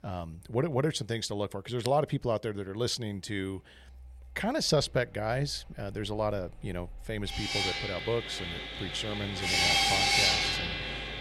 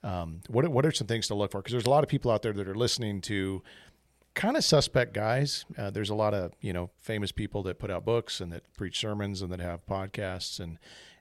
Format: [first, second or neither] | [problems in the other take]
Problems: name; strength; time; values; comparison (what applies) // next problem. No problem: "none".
second | machinery noise; very loud; throughout; 5 dB above the speech